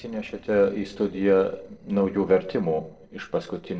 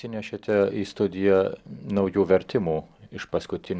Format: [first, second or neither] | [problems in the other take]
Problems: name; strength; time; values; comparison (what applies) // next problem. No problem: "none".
second | noise reduction (neural separator model SepFormer DNS4)